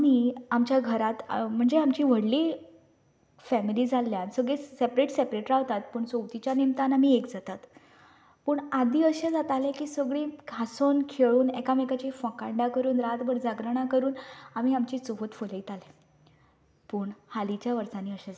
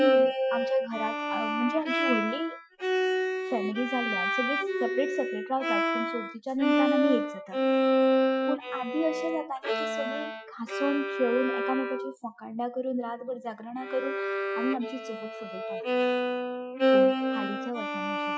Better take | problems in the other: first | noise reduction (classical method Wiener filter)

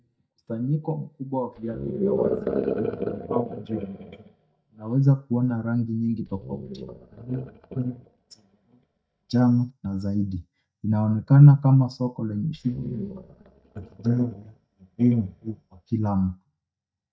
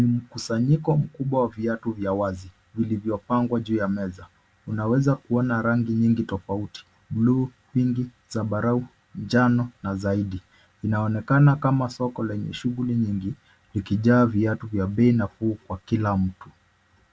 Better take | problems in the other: second | noise reduction (neural mask model DeepFilterNet 3)

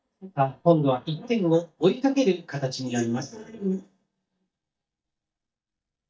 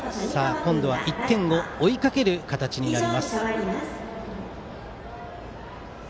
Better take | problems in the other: second | noise reduction (neural mask model DeepFilterNet 3)

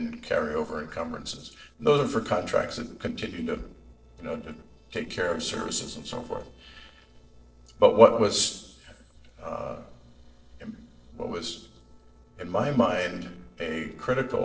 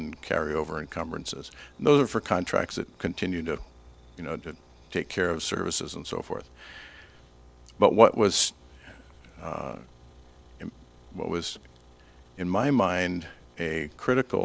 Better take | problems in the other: second | noise reduction (neural separator model SepFormer DNS4)

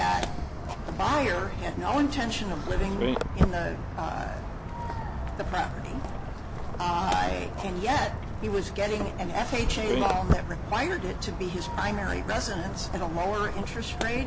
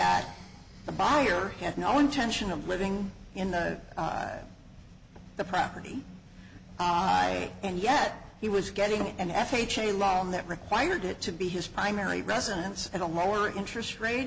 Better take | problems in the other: second | background sound (Walk, footsteps); 1 dB below the speech

